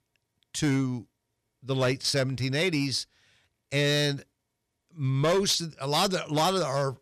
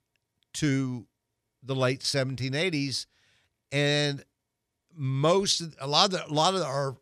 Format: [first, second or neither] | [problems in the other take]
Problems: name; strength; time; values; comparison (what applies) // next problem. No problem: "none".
second | distortion; slight; 6% of the sound clipped